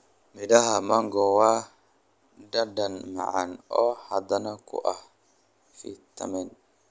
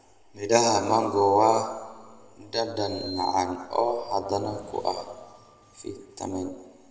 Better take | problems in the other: first | background sound (Sliding door); 19 dB below the speech // room echo; dies away in 1.3 s

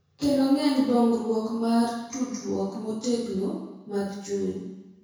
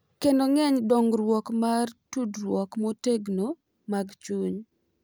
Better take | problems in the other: second | room echo; dies away in 1 s

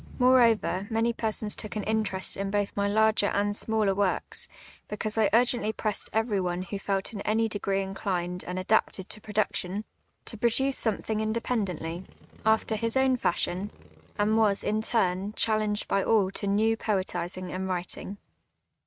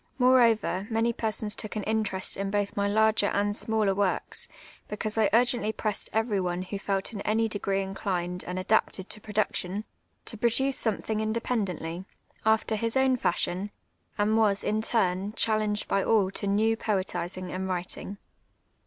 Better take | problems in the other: second | noise reduction (neural mask model RNNoise)

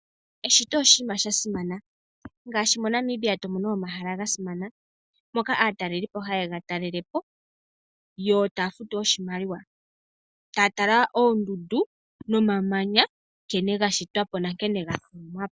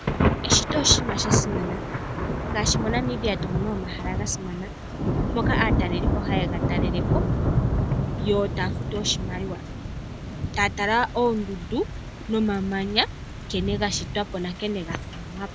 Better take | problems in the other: first | background sound (Thunder / Rain); 1 dB above the speech

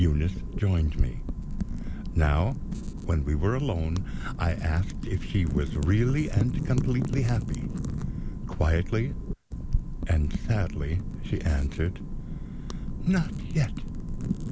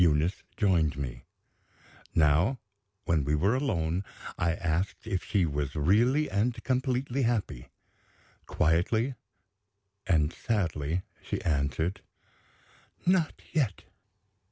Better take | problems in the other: second | background sound (Wind / Fire); 3 dB below the speech

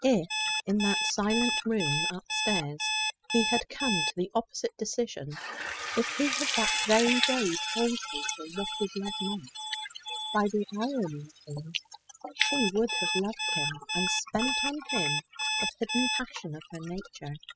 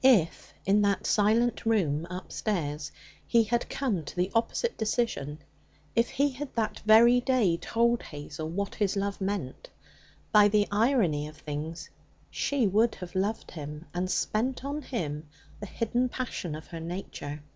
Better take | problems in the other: second | noise reduction (classical method spectral subtraction)

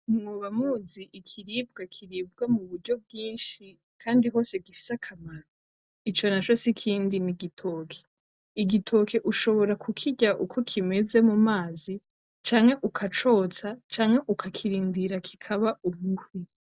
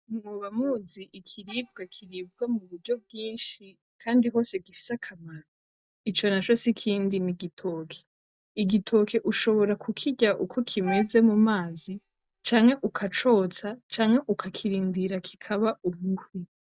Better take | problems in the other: first | noise reduction (neural mask model DeepFilterNet 3)

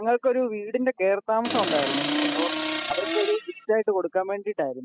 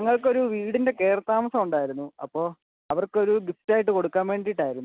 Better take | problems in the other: second | noise reduction (classical method spectral subtraction)

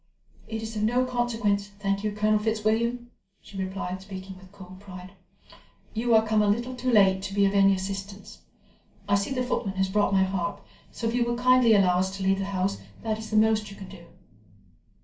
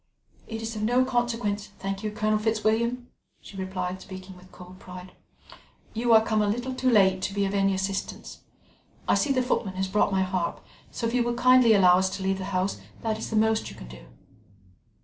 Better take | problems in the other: second | room echo; dies away in 0.2 s

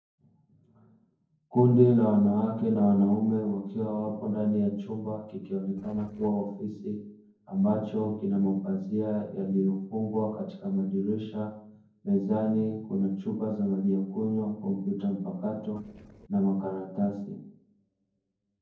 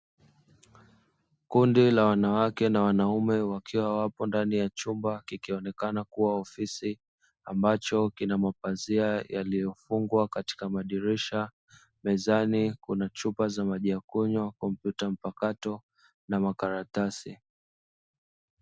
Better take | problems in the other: second | noise reduction (neural separator model SepFormer DNS4)

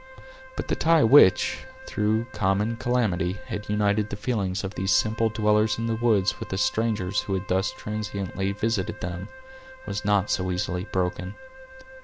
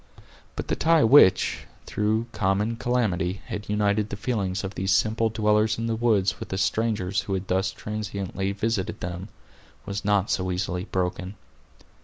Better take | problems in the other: second | background sound (Wind instrument, woodwind instrument); 20 dB below the speech

